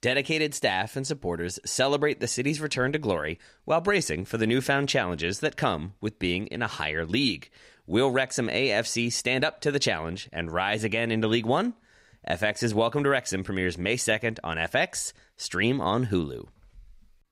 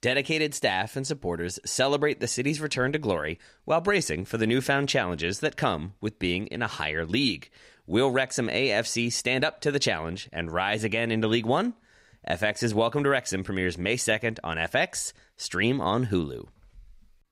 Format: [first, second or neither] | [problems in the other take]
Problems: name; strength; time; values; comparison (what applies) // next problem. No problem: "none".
neither | none